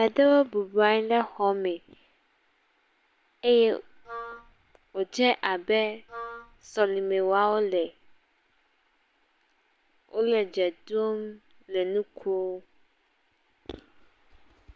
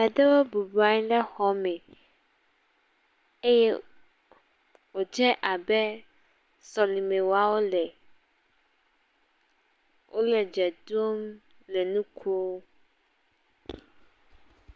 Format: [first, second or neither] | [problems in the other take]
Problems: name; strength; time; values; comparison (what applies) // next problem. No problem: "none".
second | background sound (Wind instrument, woodwind instrument); 15 dB below the speech